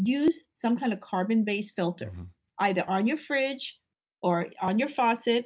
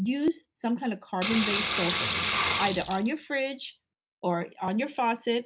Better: first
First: none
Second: background sound (Sink (filling or washing) / Water); as loud as the speech

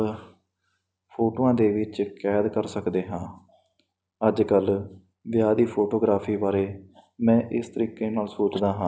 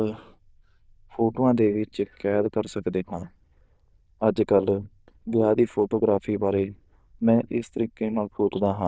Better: first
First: none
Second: noise reduction (neural diffusion model UNIVERSE++)

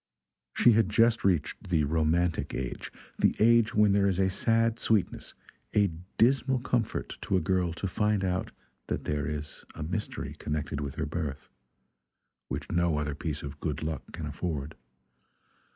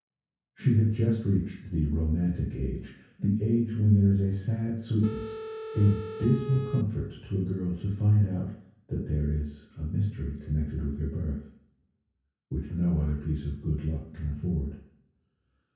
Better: first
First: none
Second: background sound (Telephone); 10 dB below the speech // room echo; dies away in 0.6 s

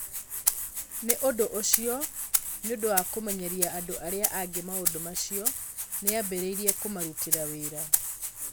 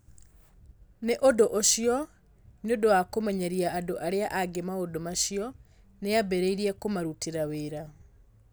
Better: second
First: background sound (Rattle (instrument)); 3 dB above the speech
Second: none

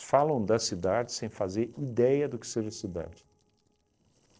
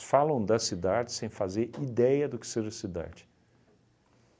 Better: second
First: noise reduction (neural separator model SepFormer DNS4)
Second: none

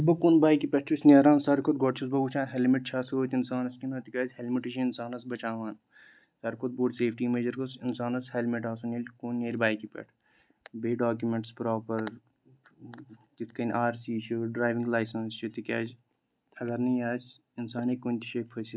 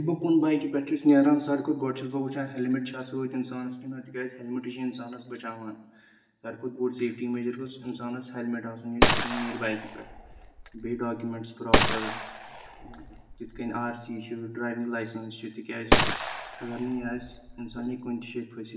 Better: first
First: none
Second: background sound (Gunshot, gunfire); 2 dB above the speech // room echo; dies away in 0.9 s

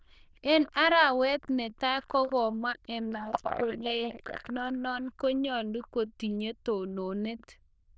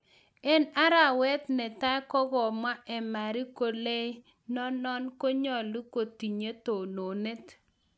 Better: second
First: noise reduction (neural diffusion model UNIVERSE++)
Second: none

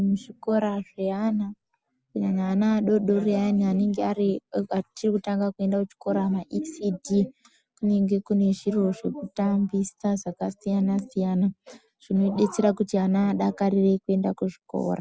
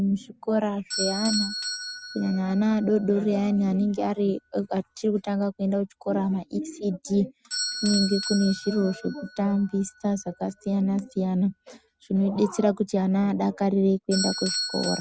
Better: first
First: none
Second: background sound (Bell / Doorbell); 11 dB below the speech

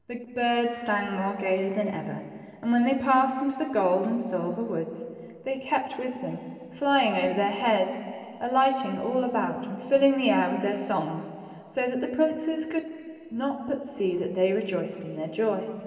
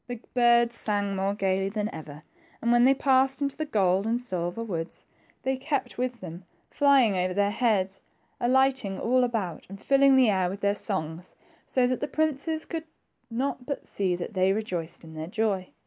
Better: second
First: room echo; dies away in 2.9 s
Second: none

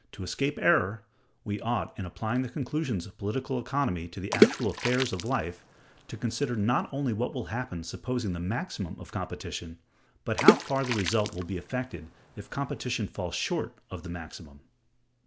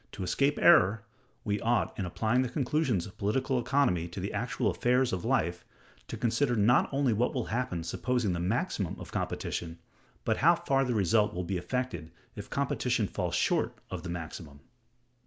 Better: second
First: background sound (Water / Splash, splatter); 1 dB above the speech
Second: none

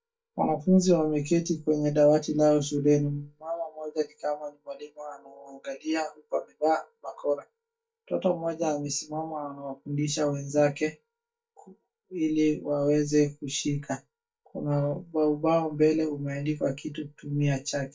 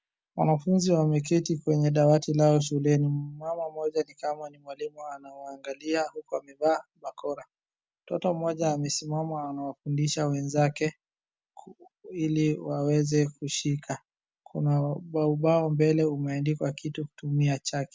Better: second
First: noise reduction (neural mask model DeepFilterNet 3)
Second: none

